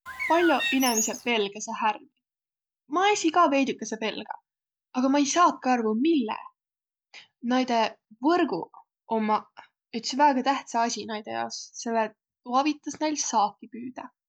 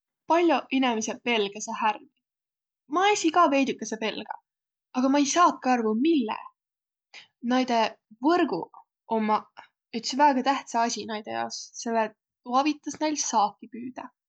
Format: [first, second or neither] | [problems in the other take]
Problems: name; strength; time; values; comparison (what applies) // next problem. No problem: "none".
second | background sound (Bird); 4 dB below the speech